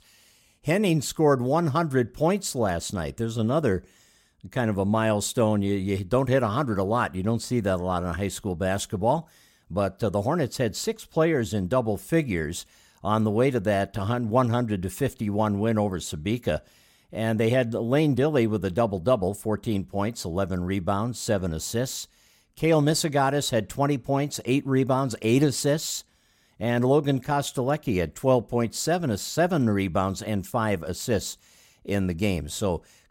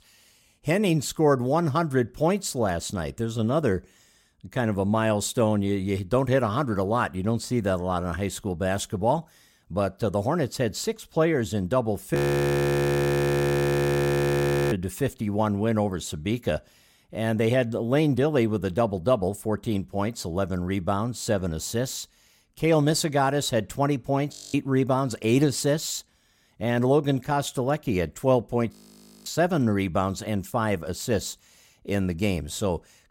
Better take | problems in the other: first | audio freezing; at 12 s for 2.5 s, at 24 s and at 29 s for 0.5 s

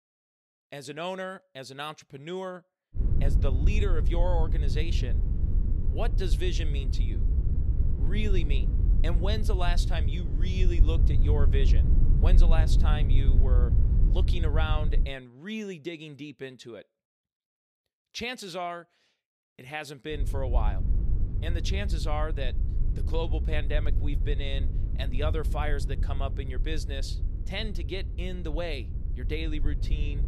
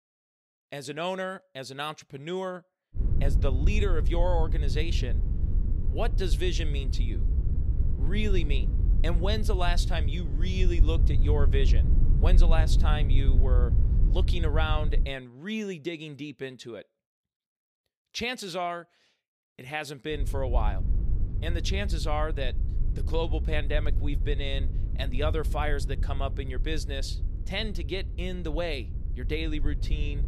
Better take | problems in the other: second | wind noise on the microphone; heavy; from 3 to 15 s and from 20 s on; 9 dB below the speech; occasional gusts in the second

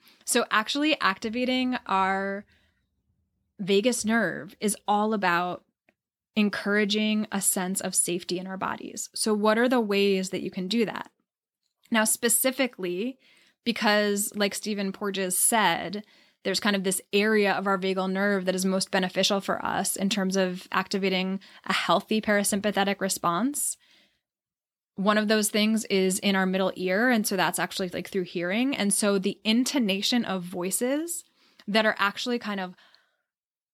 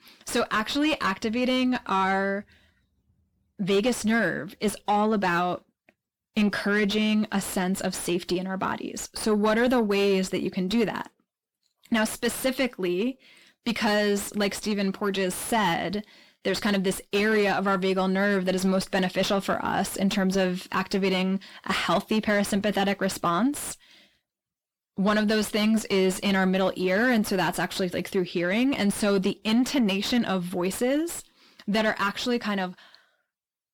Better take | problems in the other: first | distortion; heavy; 8 dB below the speech

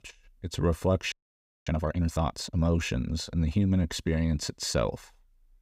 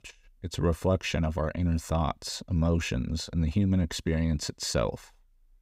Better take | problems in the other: second | audio freezing; at 1 s for 0.5 s

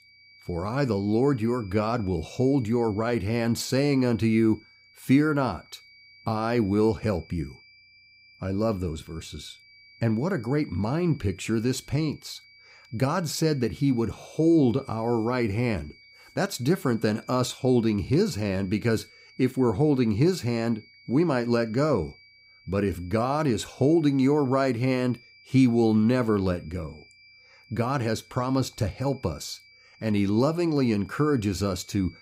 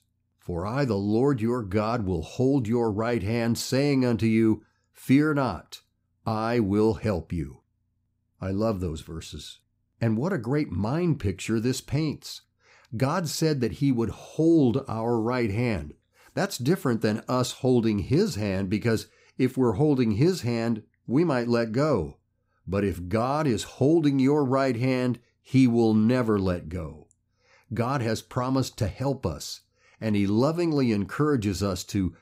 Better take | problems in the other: second | high-pitched whine; faint; throughout; 2.5 kHz, 25 dB below the speech

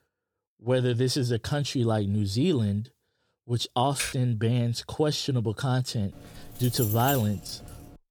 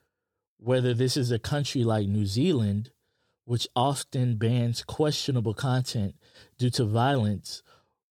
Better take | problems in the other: second | keyboard typing; noticeable; at 4 s; peak 5 dB below the speech // jangling keys; noticeable; from 6 s on; peak 3 dB below the speech

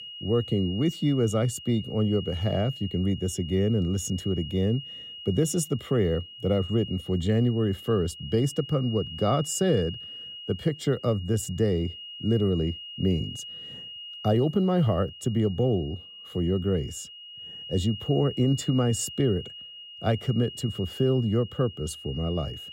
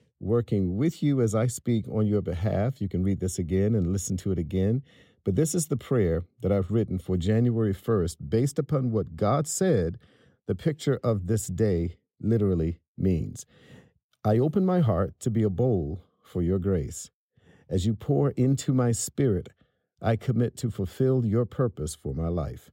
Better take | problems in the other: second | high-pitched whine; noticeable; throughout; 3 kHz, 15 dB below the speech

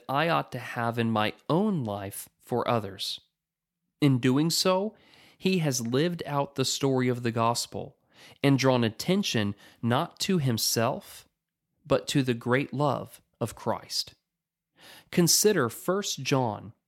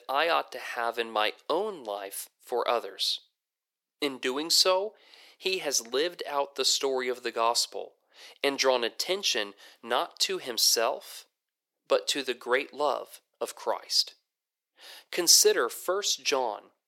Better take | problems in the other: first | thin; very; fading below 400 Hz

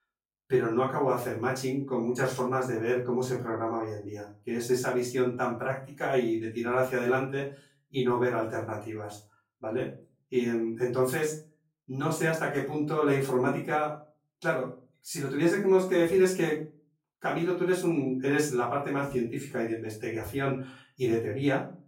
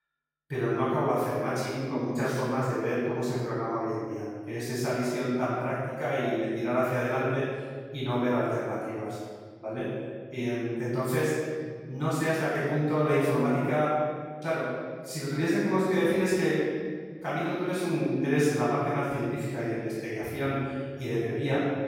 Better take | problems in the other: first | room echo; strong; dies away in 1.8 s; slight in the first // off-mic speech; far; far in the first

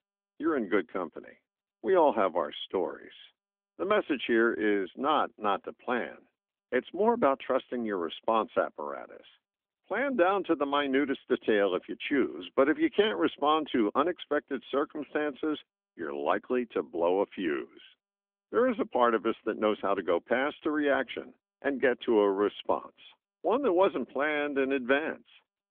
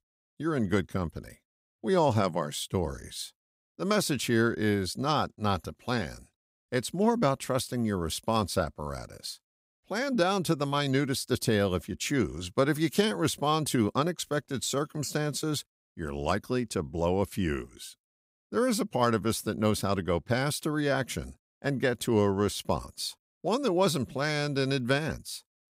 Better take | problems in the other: second | phone-call audio; nothing above 3.5 kHz

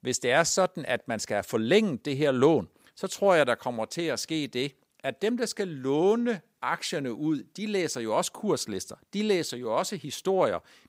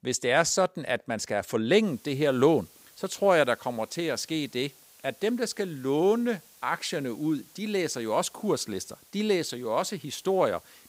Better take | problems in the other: first | hiss; faint; from 2 s on; 25 dB below the speech

